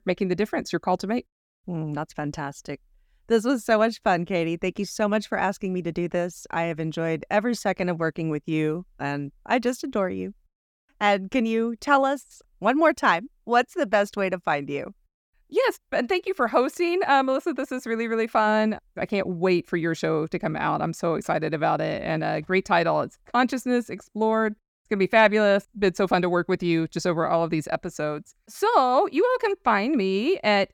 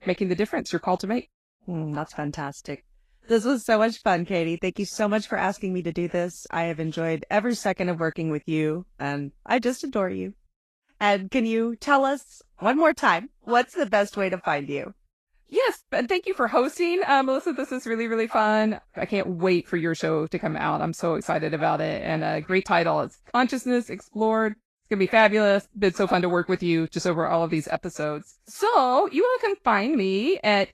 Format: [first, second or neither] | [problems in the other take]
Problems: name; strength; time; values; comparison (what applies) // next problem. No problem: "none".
first | garbled, watery; slightly; nothing above 12.5 kHz